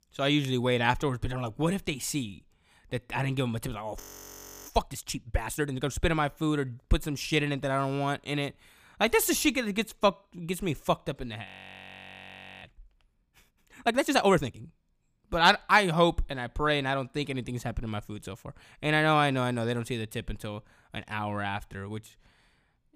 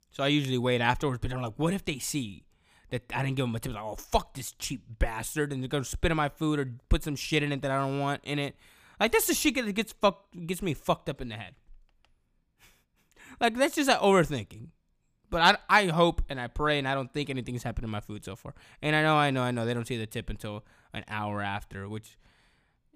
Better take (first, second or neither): second